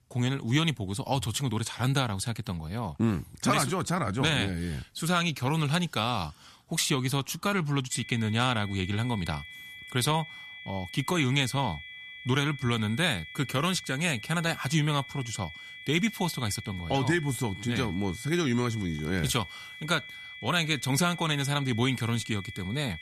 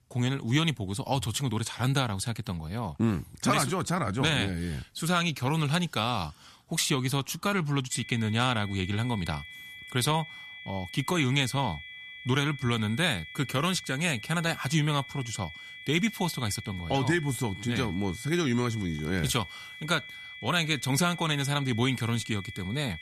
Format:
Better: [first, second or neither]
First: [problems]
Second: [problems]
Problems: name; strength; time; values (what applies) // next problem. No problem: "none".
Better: neither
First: high-pitched whine; noticeable; from 8 s on; 2 kHz, 15 dB below the speech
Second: high-pitched whine; noticeable; from 8 s on; 2 kHz, 15 dB below the speech